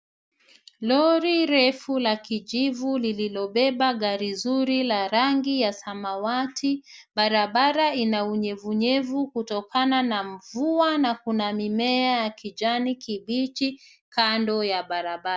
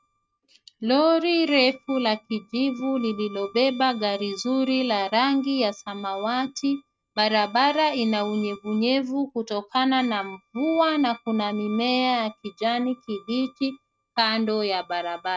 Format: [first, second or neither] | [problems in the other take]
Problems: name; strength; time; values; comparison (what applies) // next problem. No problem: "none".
first | noise reduction (neural mask model RNNoise)